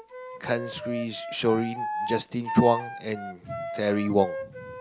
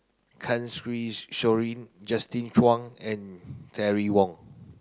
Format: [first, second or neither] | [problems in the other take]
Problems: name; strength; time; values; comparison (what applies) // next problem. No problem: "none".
second | background sound (Wind instrument, woodwind instrument); 7 dB below the speech